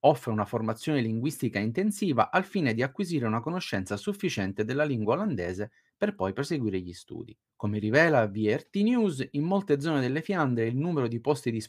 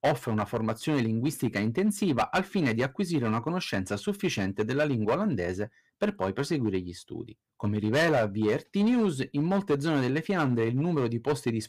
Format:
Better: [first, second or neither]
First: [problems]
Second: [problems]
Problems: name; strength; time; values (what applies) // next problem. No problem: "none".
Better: first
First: none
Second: distortion; slight; 6% of the sound clipped